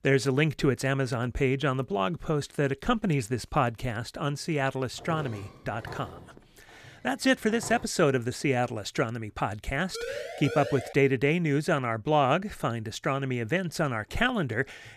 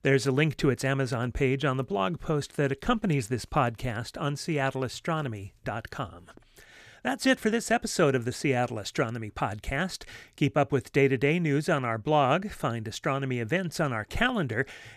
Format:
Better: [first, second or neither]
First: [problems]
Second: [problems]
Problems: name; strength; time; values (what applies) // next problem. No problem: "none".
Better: second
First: footsteps; faint; from 5 to 8 s; peak 15 dB below the speech // siren; noticeable; at 10 s; peak 7 dB below the speech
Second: none